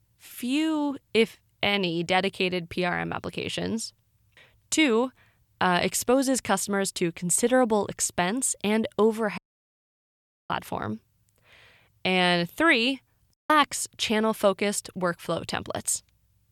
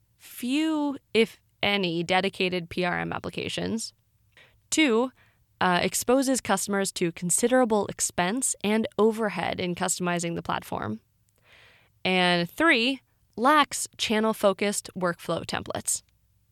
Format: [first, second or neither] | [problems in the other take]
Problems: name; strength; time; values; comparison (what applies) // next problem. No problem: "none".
second | audio cutting out; at 9.5 s for 1 s and at 13 s